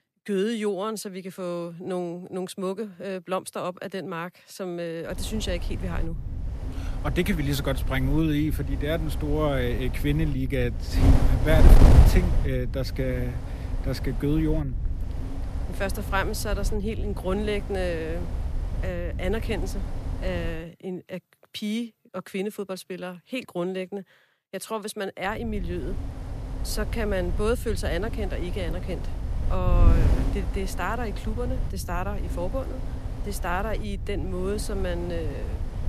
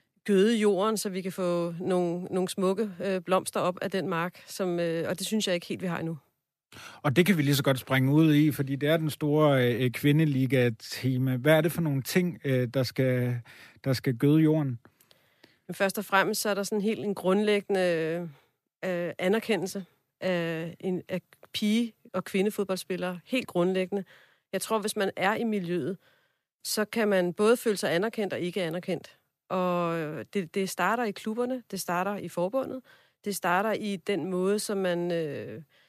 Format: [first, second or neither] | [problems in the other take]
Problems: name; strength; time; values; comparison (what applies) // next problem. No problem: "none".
second | wind noise on the microphone; heavy; from 5 to 21 s and from 25 s on; 8 dB below the speech